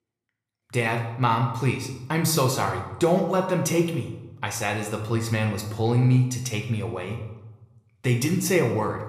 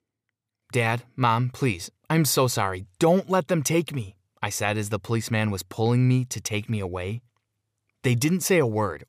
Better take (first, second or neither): second